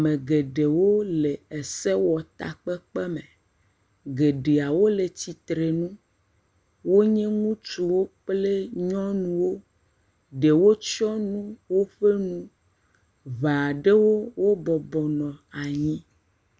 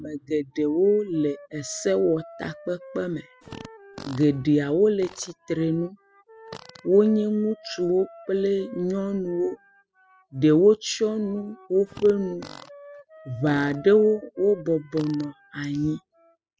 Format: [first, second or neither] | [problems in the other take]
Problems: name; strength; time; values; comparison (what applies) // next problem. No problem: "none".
first | noise reduction (classical method spectral subtraction)